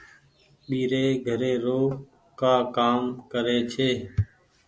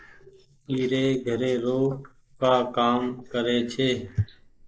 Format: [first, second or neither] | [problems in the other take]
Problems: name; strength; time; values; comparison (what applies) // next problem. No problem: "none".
first | noise reduction (neural mask model Resemble Enhance denoiser)